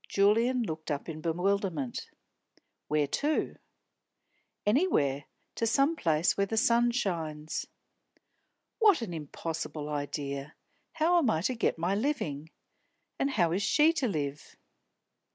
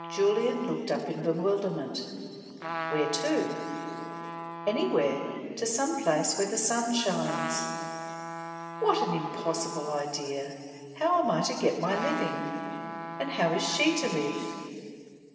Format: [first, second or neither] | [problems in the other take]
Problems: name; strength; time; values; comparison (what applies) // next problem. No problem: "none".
first | background sound (Trumpet); 9 dB below the speech // room echo; dies away in 2.9 s